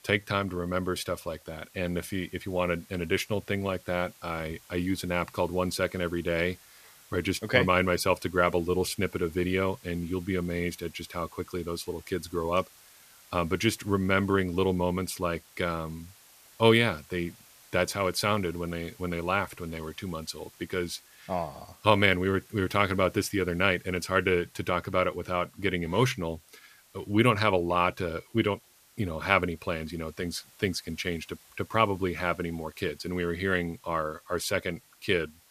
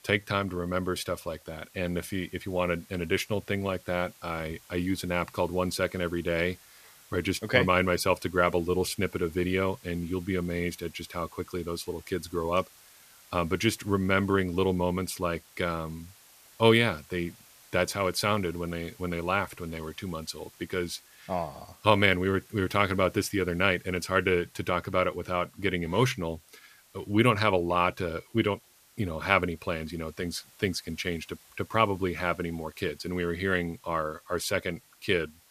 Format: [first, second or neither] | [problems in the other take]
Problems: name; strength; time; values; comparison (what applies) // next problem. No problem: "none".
neither | hiss; faint; throughout; 25 dB below the speech; the same in both